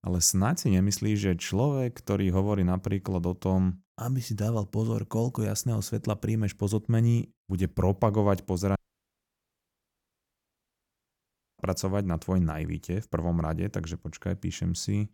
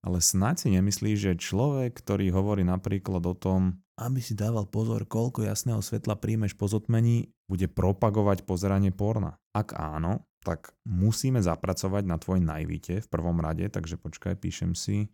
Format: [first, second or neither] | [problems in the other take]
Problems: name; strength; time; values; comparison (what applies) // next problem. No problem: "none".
second | audio cutting out; at 9 s for 3 s